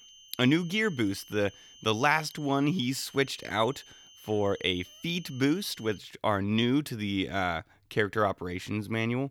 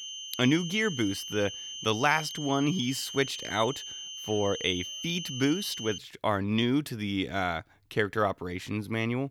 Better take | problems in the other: first | high-pitched whine; loud; until 6 s; 3 kHz, 8 dB below the speech; faint in the first

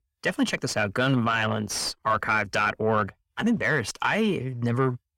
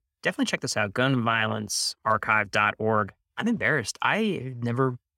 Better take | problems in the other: second | distortion; slight; 10 dB below the speech

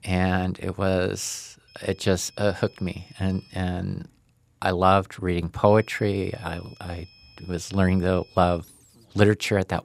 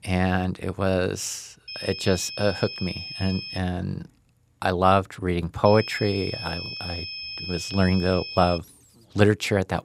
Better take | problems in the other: first | high-pitched whine; loud; from 1.5 to 3.5 s and from 5.5 to 8.5 s; 5 kHz, 8 dB below the speech; faint in the first

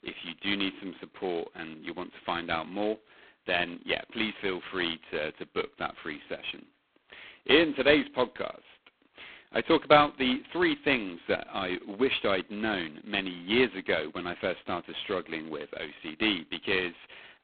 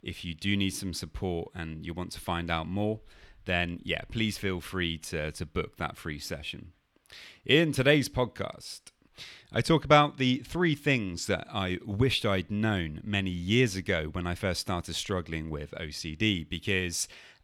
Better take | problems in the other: second | phone-call audio; poor line

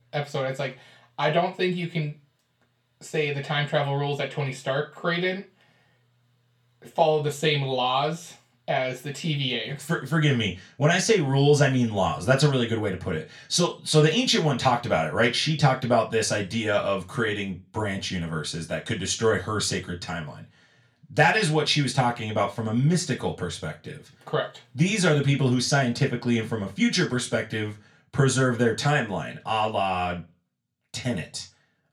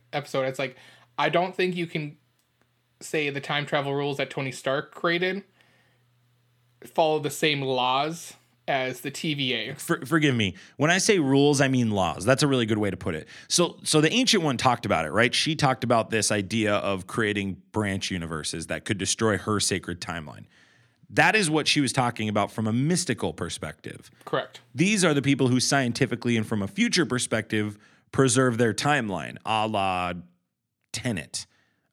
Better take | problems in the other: second | room echo; very slight; dies away in 0.2 s // off-mic speech; far

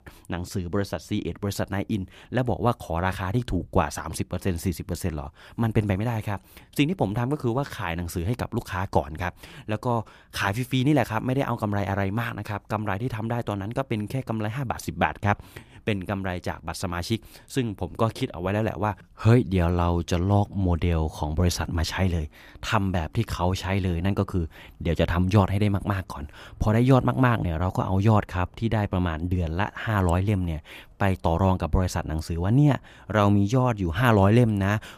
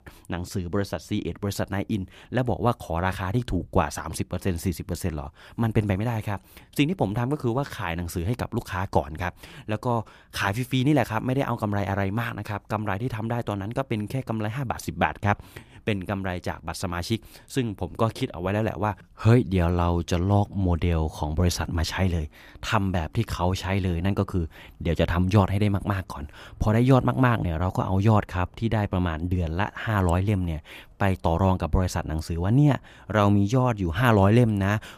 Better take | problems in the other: neither | none

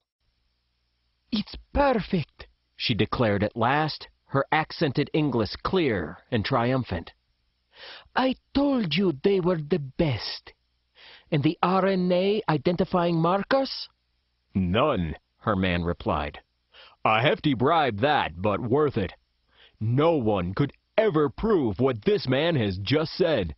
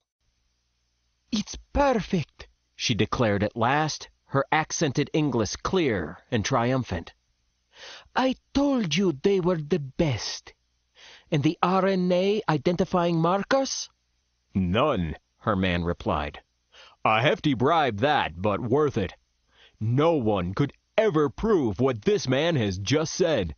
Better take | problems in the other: second | garbled, watery; badly; nothing above 5.5 kHz; slightly in the second

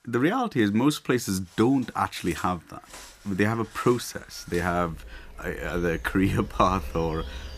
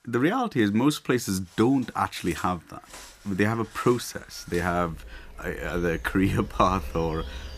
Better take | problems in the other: neither | animal sounds; noticeable; throughout; 15 dB below the speech; the same in both

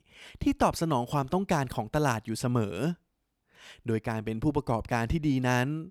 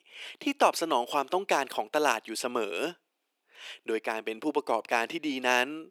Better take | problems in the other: first | thin; somewhat; fading below 350 Hz

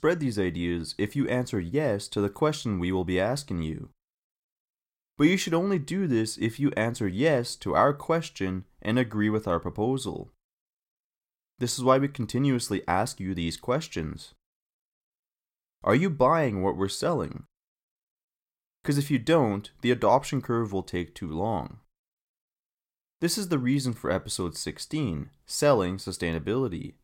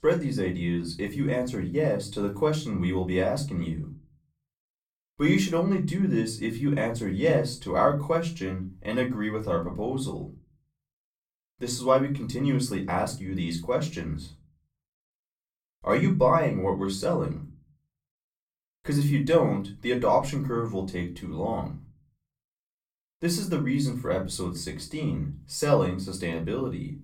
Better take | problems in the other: first | off-mic speech; far // room echo; very slight; dies away in 0.3 s

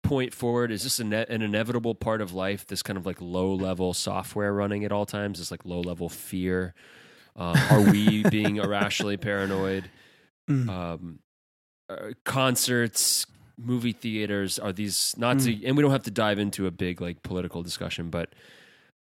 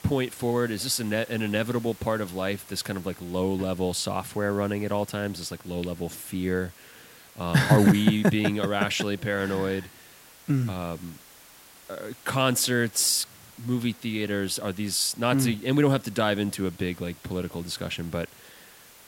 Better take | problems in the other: first | hiss; faint; throughout; 20 dB below the speech

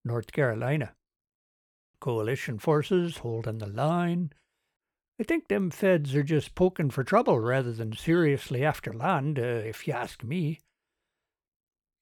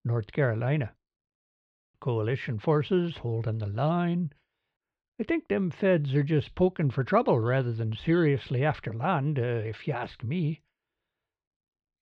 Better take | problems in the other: first | muffled; very slightly; fading above 4 kHz

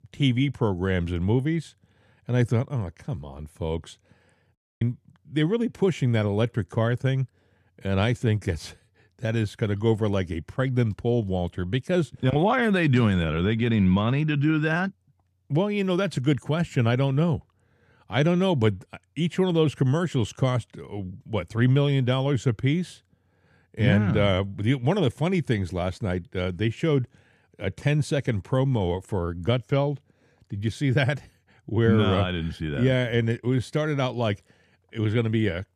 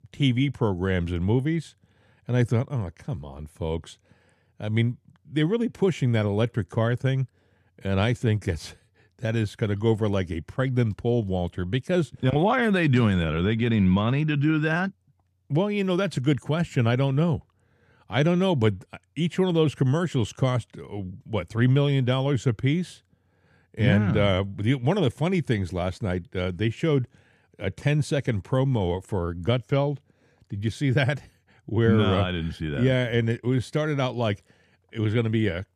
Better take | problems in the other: second | audio cutting out; at 4.5 s

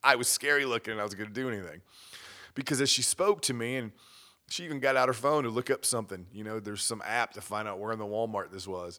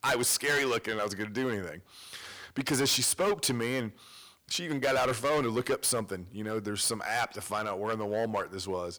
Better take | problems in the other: first | distortion; heavy; 10% of the sound clipped

